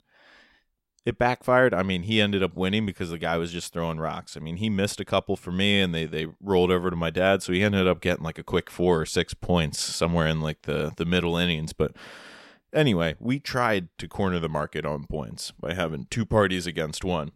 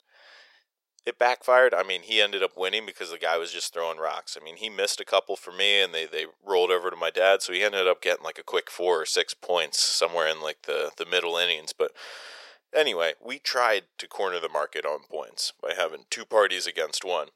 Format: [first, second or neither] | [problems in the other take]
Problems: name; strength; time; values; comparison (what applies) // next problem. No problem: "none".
first | thin; very; fading below 500 Hz